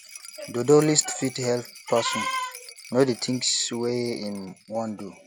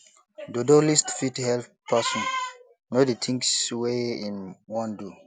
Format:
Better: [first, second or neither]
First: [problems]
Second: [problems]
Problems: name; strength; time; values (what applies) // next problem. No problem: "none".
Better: second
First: background sound (Rattle); 19 dB below the speech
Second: none